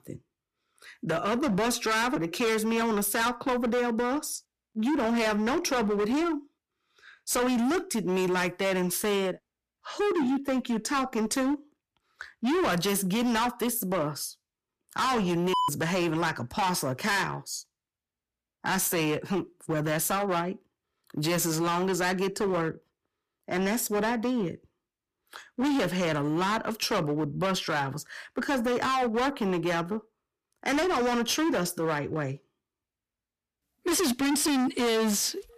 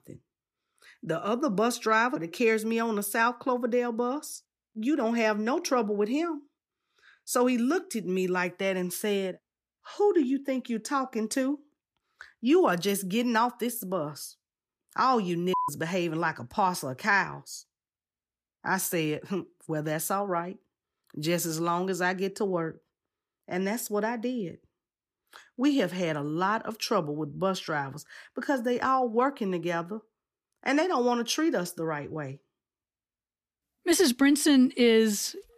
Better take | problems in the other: second | distortion; heavy; 21% of the sound clipped

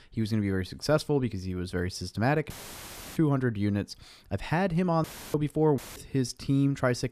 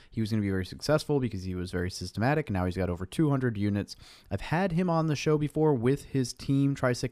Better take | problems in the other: second | audio cutting out; filled with static; at 2.5 s for 0.5 s, at 5 s and at 6 s

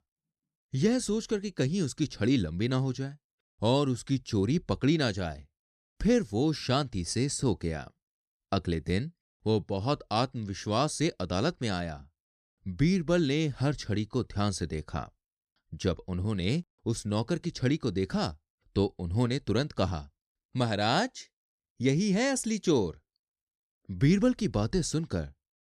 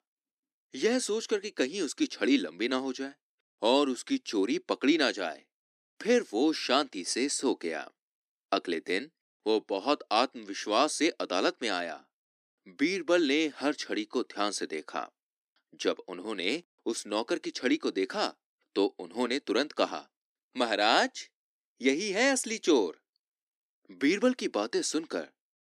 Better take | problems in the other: first | thin; somewhat; fading below 300 Hz

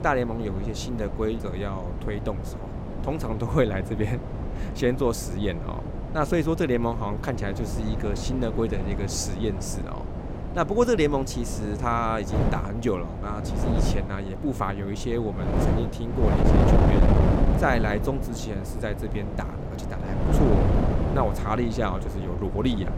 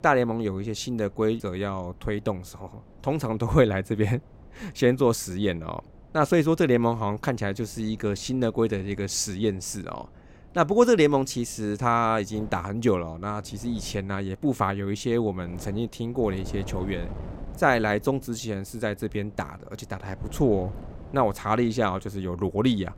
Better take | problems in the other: second | wind noise on the microphone; heavy; 4 dB below the speech; occasional gusts in the second

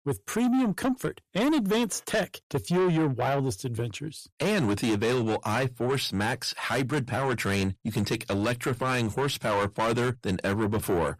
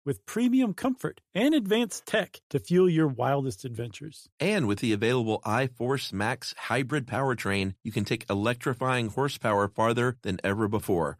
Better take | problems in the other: second | distortion; heavy; 8 dB below the speech

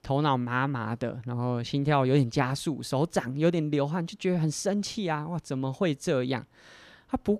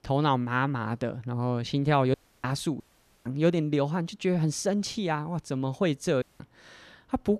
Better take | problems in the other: first | audio cutting out; at 2 s, at 3 s and at 6 s

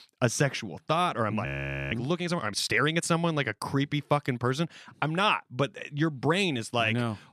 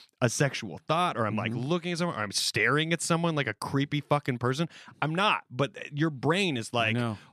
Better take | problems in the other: second | audio freezing; at 1.5 s

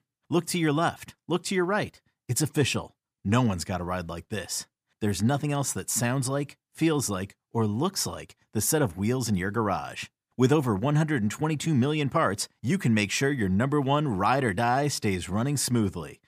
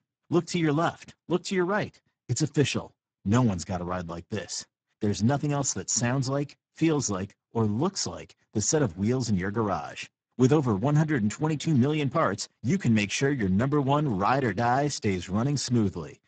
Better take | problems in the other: first | garbled, watery; badly; nothing above 7.5 kHz

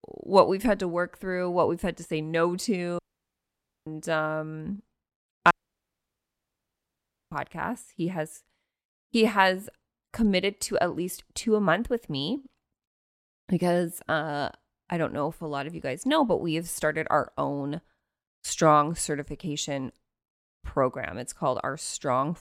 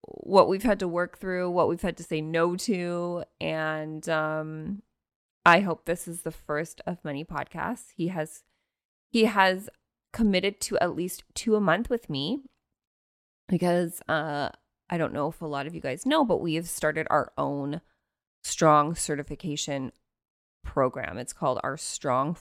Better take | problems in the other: second | audio cutting out; at 3 s for 1 s and at 5.5 s for 2 s

